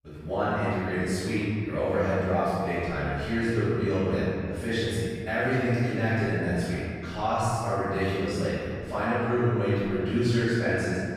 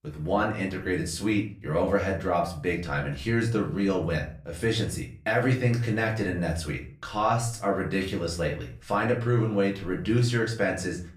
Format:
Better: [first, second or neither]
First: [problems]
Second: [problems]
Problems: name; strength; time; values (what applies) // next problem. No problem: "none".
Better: second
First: room echo; strong; dies away in 2.2 s // off-mic speech; far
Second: room echo; slight; dies away in 0.4 s // off-mic speech; far